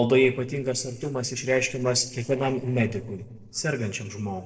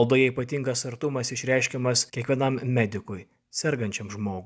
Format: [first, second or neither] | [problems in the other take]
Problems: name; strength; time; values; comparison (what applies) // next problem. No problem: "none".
second | noise reduction (neural separator model SepFormer DNS4)